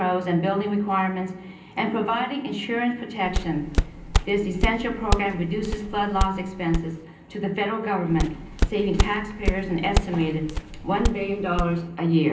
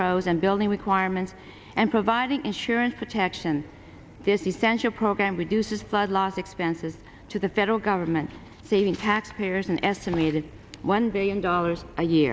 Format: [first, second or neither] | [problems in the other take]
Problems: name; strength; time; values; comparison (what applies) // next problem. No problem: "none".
second | background sound (Walk, footsteps); 1 dB below the speech // room echo; dies away in 0.6 s